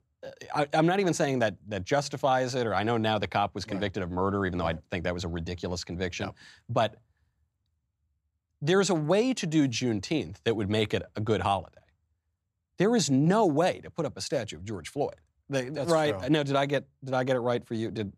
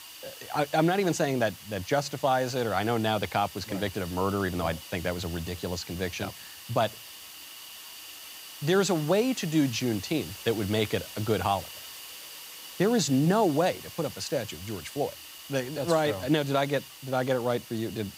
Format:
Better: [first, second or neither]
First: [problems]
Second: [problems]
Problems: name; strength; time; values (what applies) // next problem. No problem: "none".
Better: first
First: none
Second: hiss; noticeable; throughout; 15 dB below the speech